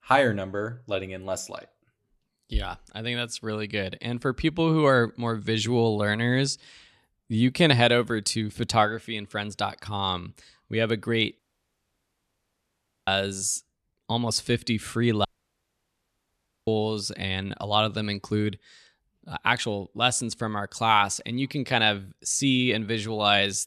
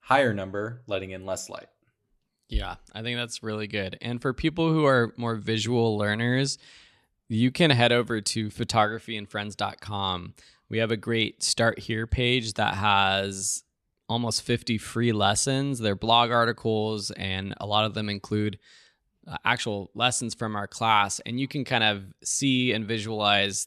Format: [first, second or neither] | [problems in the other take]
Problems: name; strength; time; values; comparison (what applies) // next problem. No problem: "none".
second | audio cutting out; at 11 s for 1.5 s and at 15 s for 1.5 s